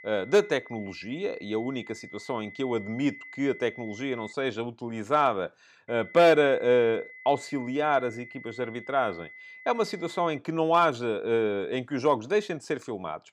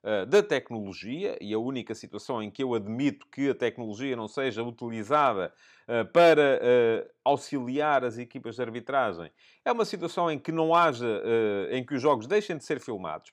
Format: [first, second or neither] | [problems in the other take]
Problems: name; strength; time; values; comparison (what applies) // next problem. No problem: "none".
second | high-pitched whine; noticeable; until 4.5 s and from 6 to 10 s; 2 kHz, 15 dB below the speech